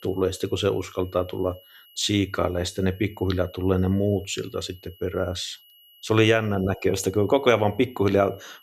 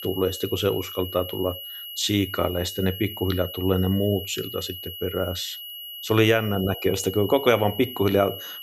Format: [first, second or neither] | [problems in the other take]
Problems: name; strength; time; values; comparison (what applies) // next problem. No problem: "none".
first | high-pitched whine; loud; throughout; 3 kHz, 10 dB below the speech; faint in the first